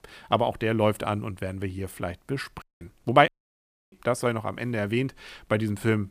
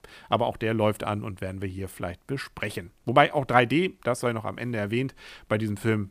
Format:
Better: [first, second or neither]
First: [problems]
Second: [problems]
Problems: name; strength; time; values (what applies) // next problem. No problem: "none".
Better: second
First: audio cutting out; at 2.5 s and at 3.5 s for 0.5 s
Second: none